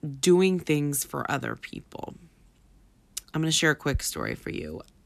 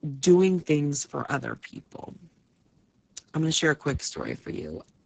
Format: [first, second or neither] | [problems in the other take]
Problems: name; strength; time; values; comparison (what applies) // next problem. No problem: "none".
first | garbled, watery; badly; nothing above 7.5 kHz